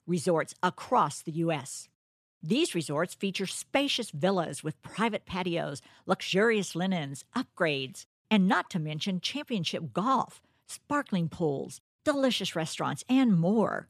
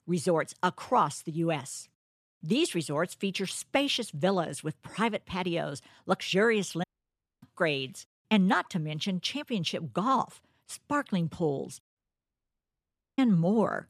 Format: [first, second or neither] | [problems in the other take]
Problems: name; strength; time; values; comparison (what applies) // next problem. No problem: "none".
first | audio cutting out; at 7 s for 0.5 s and at 12 s for 1 s